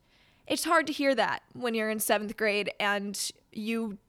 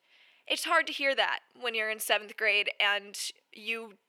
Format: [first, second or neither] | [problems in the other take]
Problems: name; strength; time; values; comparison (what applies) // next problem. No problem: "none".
first | thin; somewhat; fading below 500 Hz